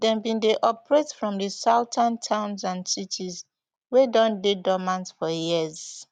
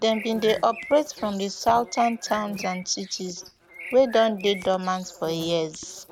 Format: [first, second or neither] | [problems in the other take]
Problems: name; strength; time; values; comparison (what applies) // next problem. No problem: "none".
first | background sound (Insect + Bird); 16 dB below the speech